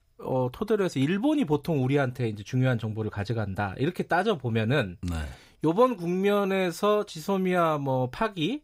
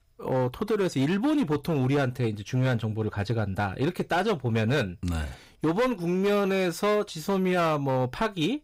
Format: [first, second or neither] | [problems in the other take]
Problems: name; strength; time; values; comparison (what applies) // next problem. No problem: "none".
first | distortion; slight; 12% of the sound clipped